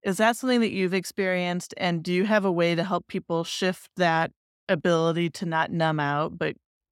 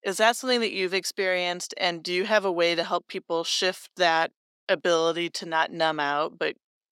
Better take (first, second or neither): first